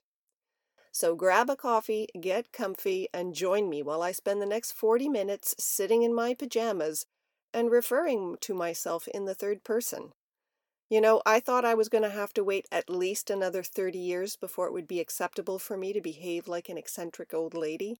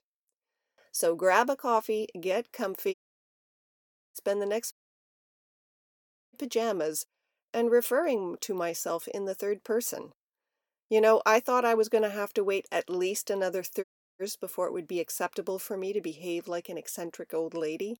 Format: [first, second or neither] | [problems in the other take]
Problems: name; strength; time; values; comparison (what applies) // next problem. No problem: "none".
first | audio cutting out; at 3 s for 1 s, at 4.5 s for 1.5 s and at 14 s